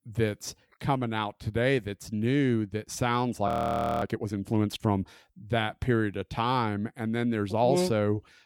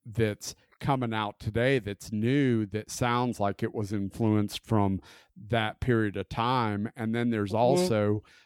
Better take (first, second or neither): second